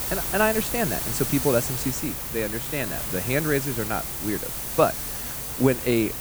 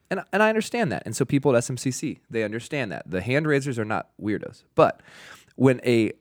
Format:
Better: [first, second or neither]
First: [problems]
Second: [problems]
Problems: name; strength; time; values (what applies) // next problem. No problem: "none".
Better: second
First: hiss; loud; throughout; 2 dB below the speech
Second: none